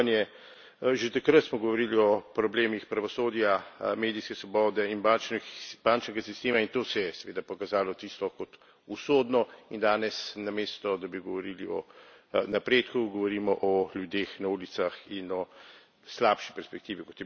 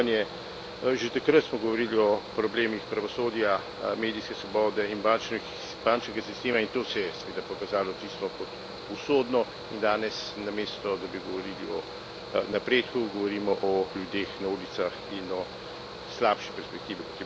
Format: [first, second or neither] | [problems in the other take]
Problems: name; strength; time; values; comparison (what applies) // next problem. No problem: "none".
first | background sound (Mechanical fan); 11 dB below the speech